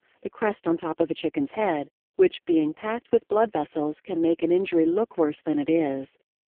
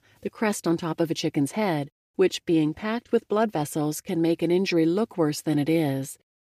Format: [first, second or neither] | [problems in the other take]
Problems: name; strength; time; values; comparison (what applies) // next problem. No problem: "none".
second | phone-call audio; poor line; nothing above 3.5 kHz